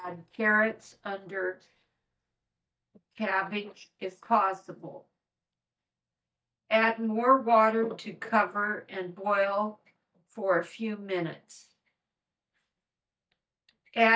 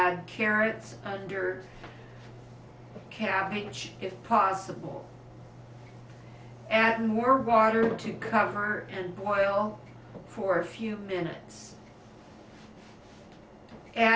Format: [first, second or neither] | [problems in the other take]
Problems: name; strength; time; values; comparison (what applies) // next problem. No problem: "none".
second | noise reduction (neural mask model DeepFilterNet 3)